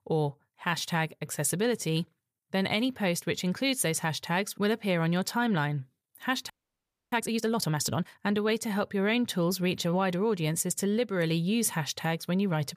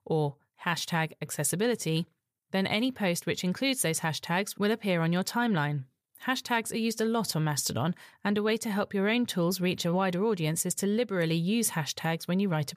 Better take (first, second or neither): second